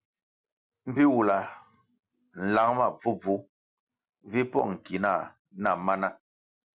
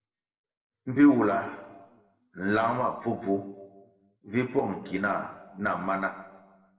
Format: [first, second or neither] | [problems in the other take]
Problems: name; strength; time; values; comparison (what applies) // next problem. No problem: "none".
first | room echo; dies away in 1 s